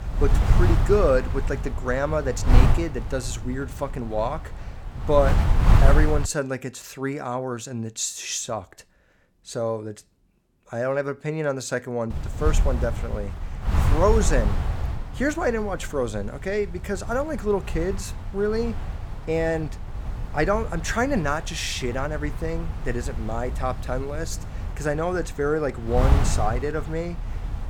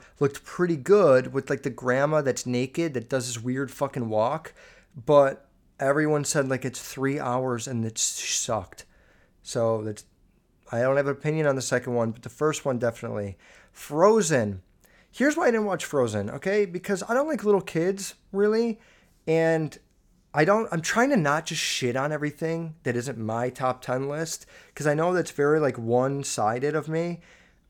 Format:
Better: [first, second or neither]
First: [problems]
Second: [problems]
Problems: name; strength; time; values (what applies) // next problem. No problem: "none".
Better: second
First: wind noise on the microphone; heavy; until 6.5 s and from 12 s on; 9 dB below the speech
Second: none